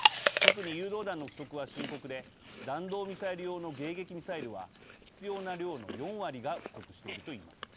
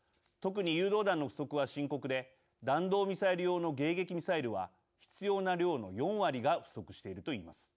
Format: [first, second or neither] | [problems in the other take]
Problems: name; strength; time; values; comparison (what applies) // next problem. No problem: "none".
second | background sound (Chewing, mastication); 3 dB above the speech